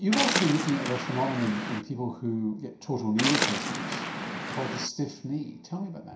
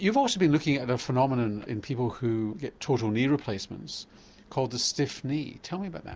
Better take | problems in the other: second | background sound (Waves, surf); 2 dB below the speech // room echo; dies away in 0.5 s

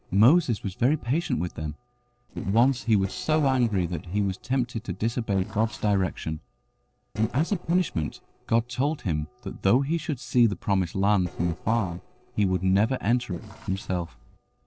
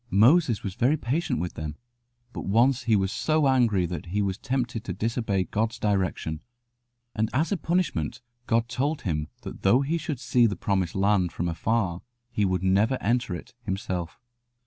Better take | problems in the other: second | noise reduction (neural separator model SepFormer DNS4)

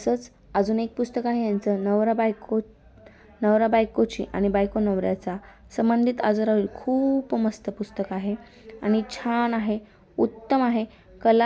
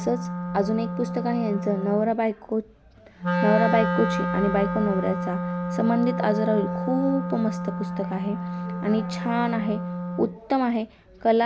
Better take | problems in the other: first | background sound (Wind instrument, woodwind instrument); 3 dB below the speech

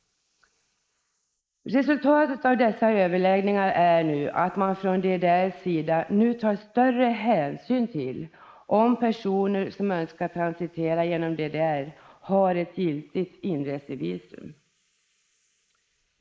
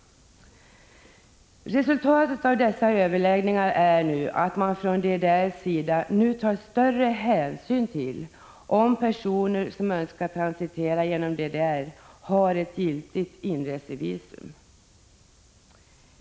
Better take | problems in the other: second | noise reduction (neural mask model Resemble Enhance denoiser)

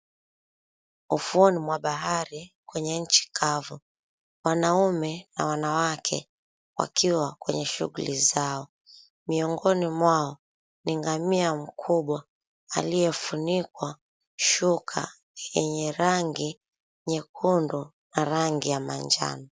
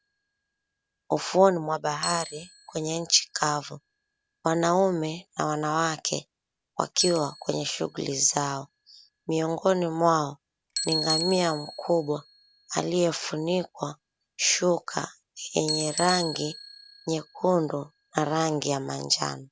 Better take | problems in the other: first | background sound (Bicycle); 12 dB below the speech

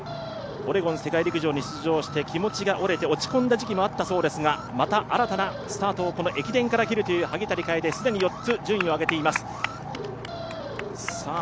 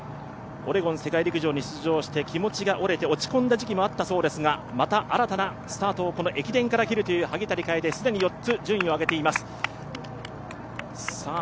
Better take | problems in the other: second | background sound (Alarm); 12 dB below the speech

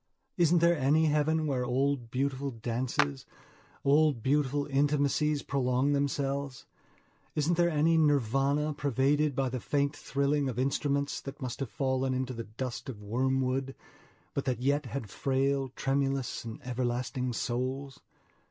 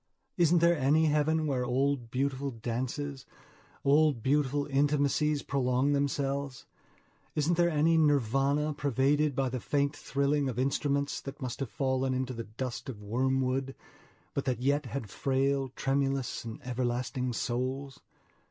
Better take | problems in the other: second | background sound (Clapping); 9 dB below the speech

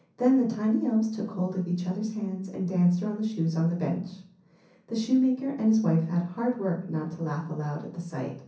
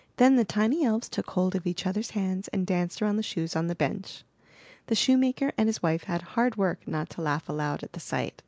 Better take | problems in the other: second | room echo; dies away in 0.6 s

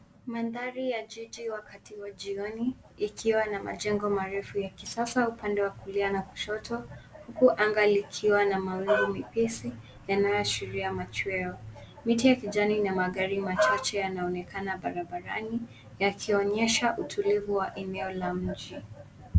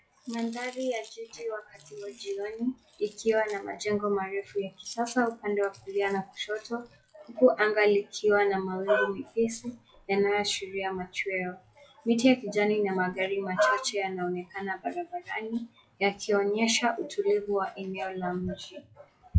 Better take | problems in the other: first | noise reduction (classical method log-MMSE)

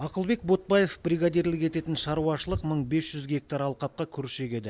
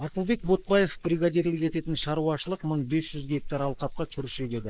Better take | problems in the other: first | noise reduction (neural mask model Resemble Enhance denoiser)

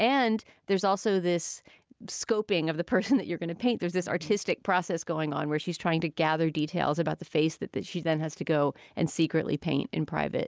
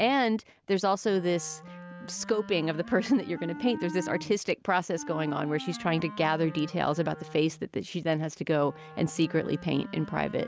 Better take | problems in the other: first | background sound (Wind instrument, woodwind instrument); 15 dB below the speech

